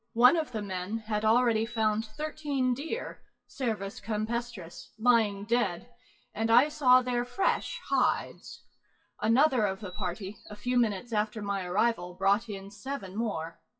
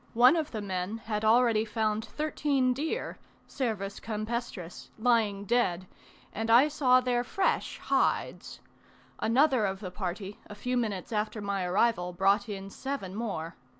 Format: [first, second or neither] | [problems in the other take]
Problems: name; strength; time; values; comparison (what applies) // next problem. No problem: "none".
second | noise reduction (classical method WPE with log-MMSE)